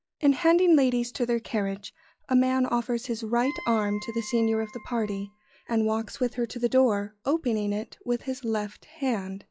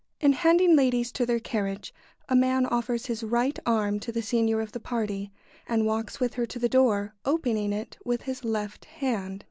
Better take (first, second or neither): second